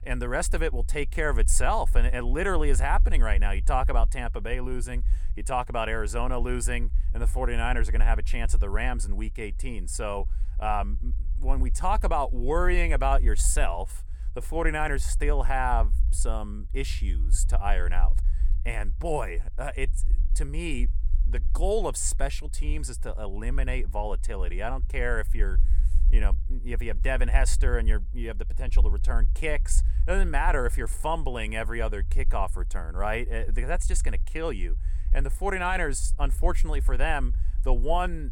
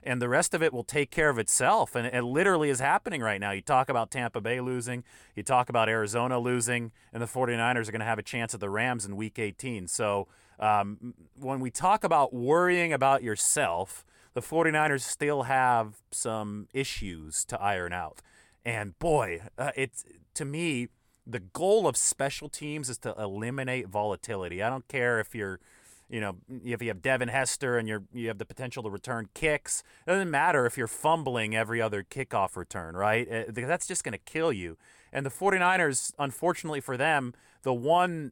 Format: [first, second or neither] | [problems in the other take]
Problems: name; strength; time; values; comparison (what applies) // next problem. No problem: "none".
second | low rumble; faint; throughout; 25 dB below the speech